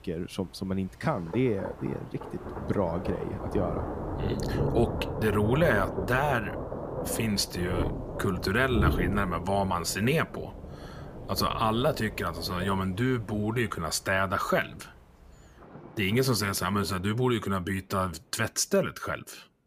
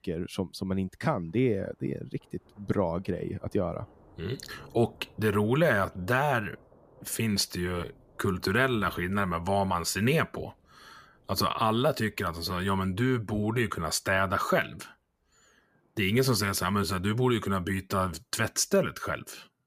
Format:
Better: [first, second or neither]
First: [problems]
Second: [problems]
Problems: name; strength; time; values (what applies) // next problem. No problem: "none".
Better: second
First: rain or running water; loud; throughout; 6 dB below the speech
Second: rain or running water; faint; throughout; 30 dB below the speech